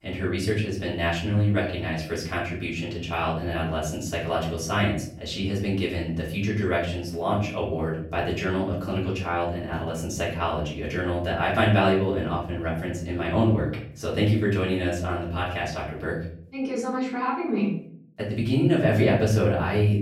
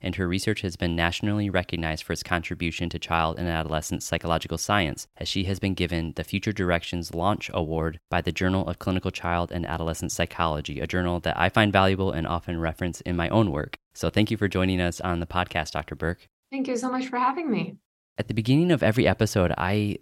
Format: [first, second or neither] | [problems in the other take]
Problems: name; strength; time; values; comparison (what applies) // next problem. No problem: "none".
second | room echo; noticeable; dies away in 0.5 s // off-mic speech; far